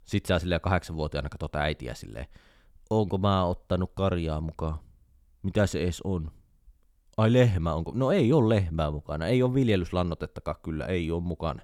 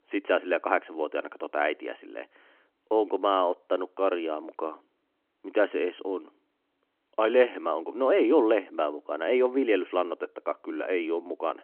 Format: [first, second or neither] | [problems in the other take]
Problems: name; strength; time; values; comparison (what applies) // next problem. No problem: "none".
first | phone-call audio